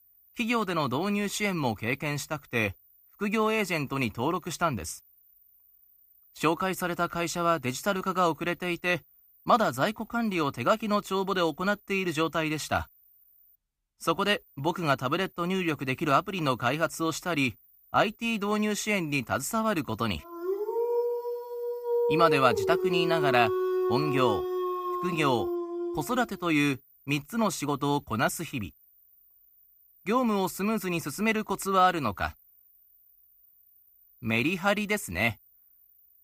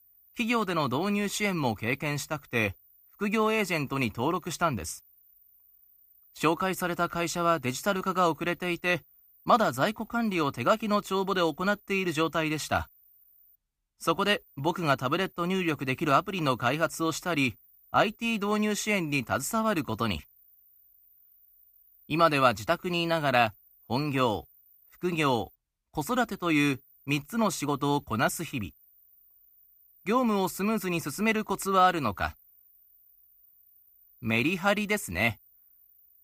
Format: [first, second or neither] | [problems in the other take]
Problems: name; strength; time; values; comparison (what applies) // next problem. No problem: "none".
second | dog barking; loud; from 20 to 26 s; peak 2 dB above the speech